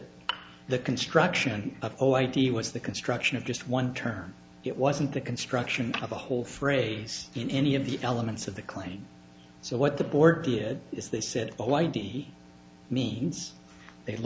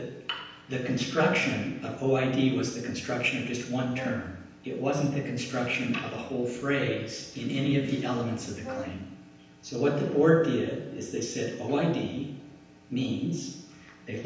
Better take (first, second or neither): first